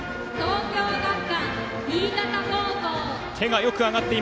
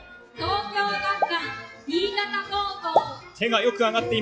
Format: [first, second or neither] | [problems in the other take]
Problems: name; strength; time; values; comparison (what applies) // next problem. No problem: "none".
first | noise reduction (classical method log-MMSE)